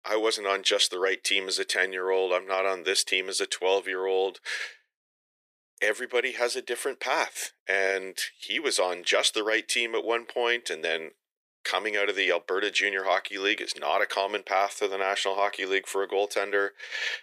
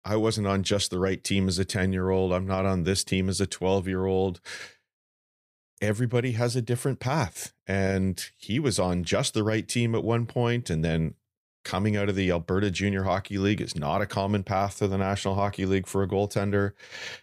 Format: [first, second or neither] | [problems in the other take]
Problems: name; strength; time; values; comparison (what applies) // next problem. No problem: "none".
second | thin; very; fading below 400 Hz